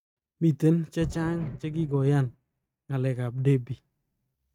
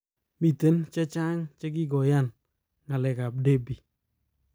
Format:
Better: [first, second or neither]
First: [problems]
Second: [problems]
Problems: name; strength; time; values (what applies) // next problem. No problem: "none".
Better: second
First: noise reduction (neural mask model RNNoise)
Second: none